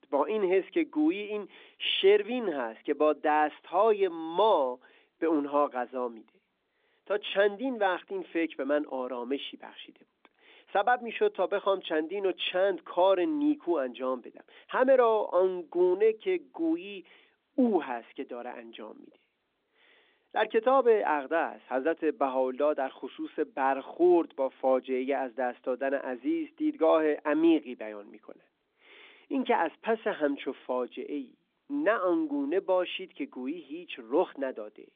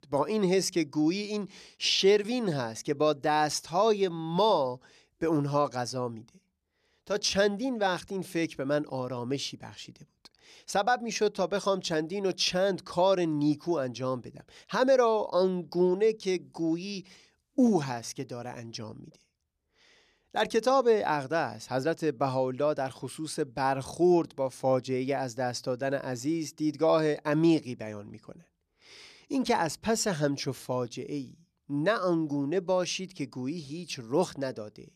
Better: second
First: phone-call audio; nothing above 3.5 kHz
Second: none

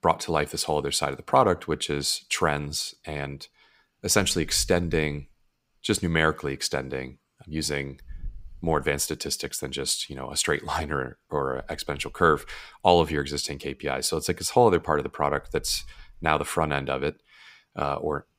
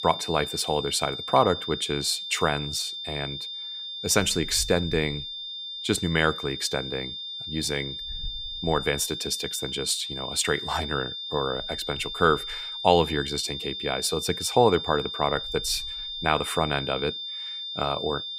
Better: first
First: none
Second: high-pitched whine; loud; throughout; 3.5 kHz, 6 dB below the speech

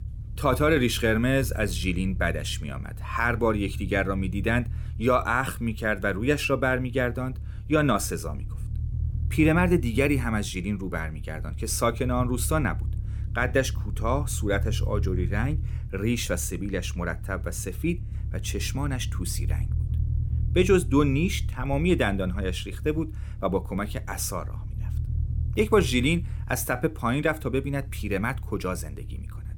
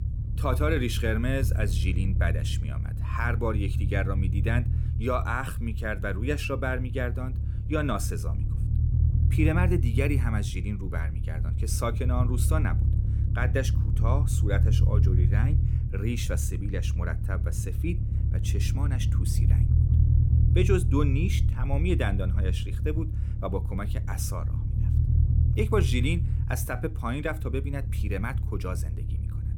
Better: first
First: low rumble; faint; throughout; 20 dB below the speech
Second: low rumble; loud; throughout; 8 dB below the speech

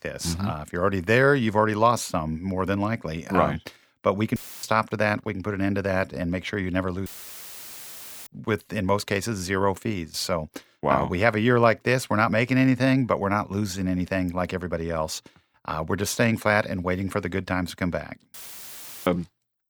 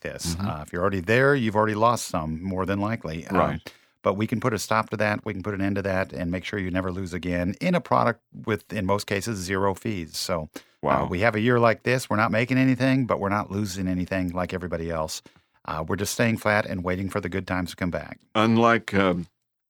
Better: second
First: audio cutting out; filled with static; at 4.5 s, at 7 s for 1 s and at 18 s for 0.5 s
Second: none

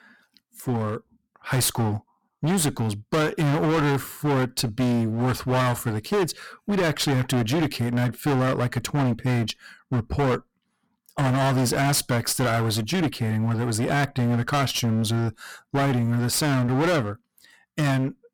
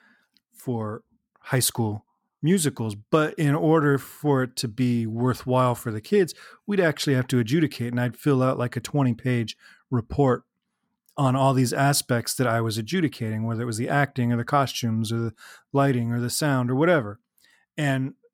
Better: second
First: distortion; heavy; 24% of the sound clipped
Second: none

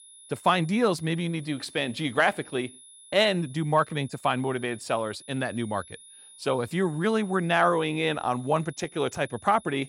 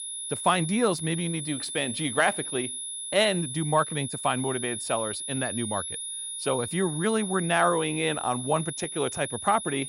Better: first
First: high-pitched whine; faint; throughout; 10.5 kHz, 20 dB below the speech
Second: high-pitched whine; loud; throughout; 10.5 kHz, 6 dB below the speech

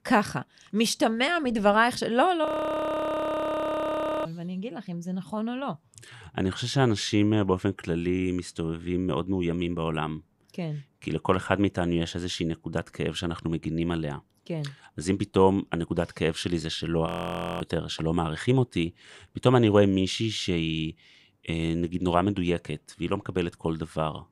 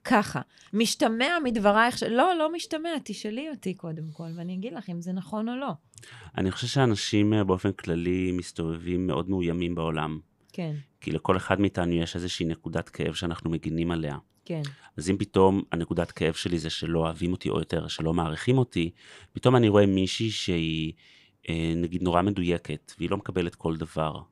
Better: second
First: audio freezing; at 2.5 s for 2 s and at 17 s for 0.5 s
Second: none

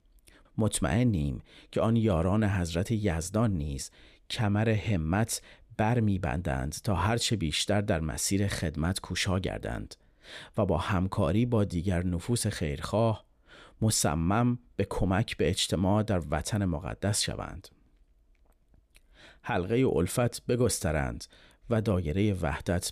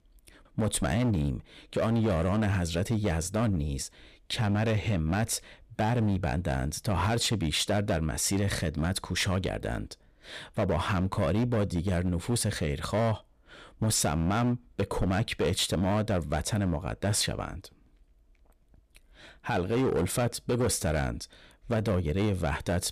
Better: first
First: none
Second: distortion; slight; 12% of the sound clipped

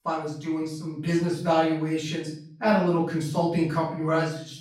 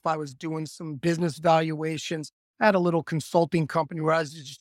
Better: second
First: room echo; noticeable; dies away in 0.5 s // off-mic speech; far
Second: none

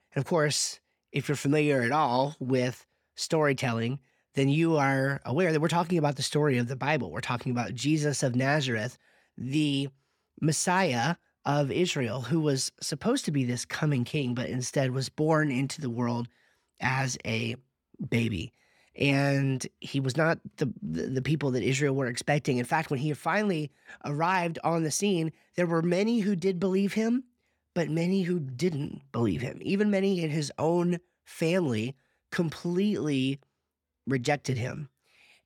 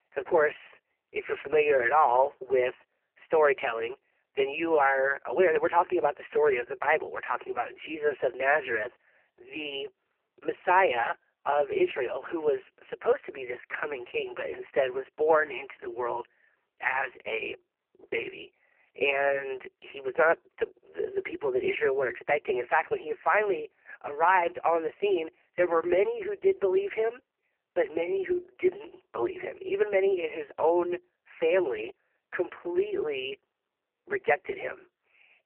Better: first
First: none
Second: phone-call audio; poor line; nothing above 3 kHz

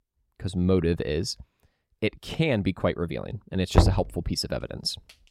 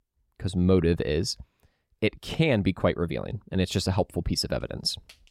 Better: second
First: door banging; loud; at 4 s; peak 5 dB above the speech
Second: none

